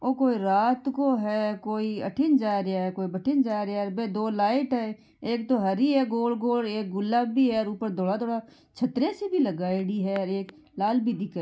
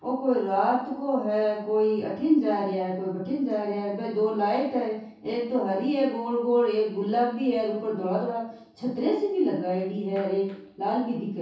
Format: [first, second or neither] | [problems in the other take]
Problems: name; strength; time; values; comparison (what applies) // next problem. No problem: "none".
first | room echo; dies away in 0.6 s